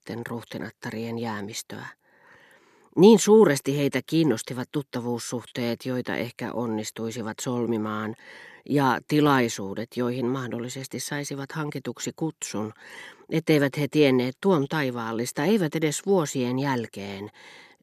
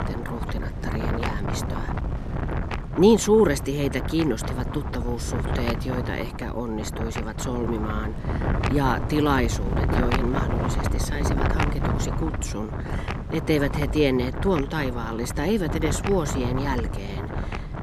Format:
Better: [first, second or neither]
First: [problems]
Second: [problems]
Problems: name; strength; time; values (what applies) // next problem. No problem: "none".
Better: first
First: none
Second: wind noise on the microphone; heavy; 5 dB below the speech